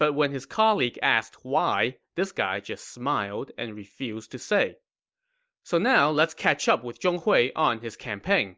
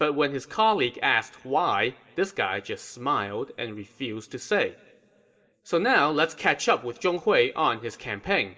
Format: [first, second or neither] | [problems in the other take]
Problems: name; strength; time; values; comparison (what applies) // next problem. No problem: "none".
first | room echo; dies away in 0.3 s